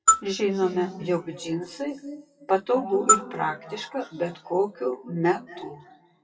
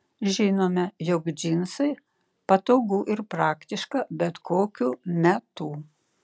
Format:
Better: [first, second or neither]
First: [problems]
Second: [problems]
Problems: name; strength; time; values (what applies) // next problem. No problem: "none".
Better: second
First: noise reduction (classical method WPE with log-MMSE)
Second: none